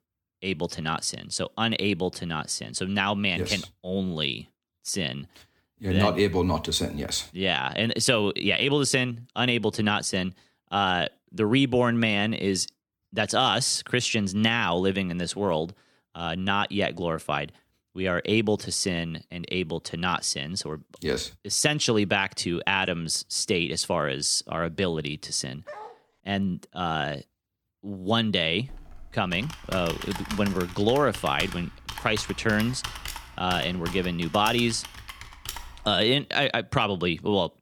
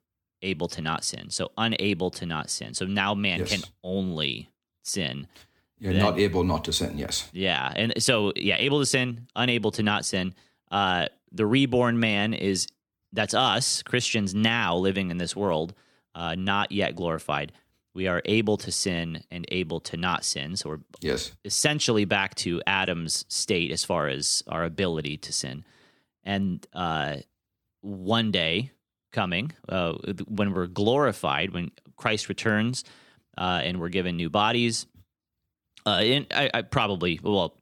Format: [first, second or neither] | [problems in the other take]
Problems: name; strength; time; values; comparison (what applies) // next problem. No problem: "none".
second | dog barking; faint; at 26 s; peak 15 dB below the speech // keyboard typing; noticeable; from 29 to 36 s; peak 8 dB below the speech